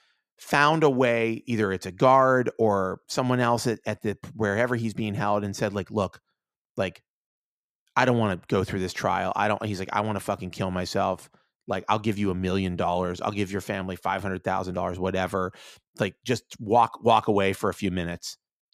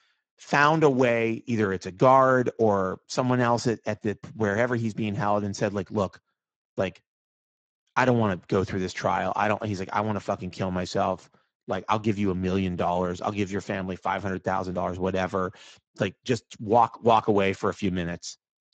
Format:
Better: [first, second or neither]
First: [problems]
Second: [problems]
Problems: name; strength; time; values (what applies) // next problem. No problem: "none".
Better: first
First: none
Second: garbled, watery; badly; nothing above 7.5 kHz